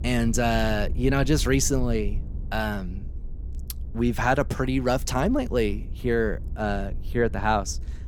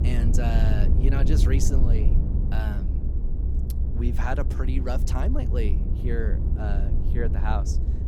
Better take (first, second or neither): first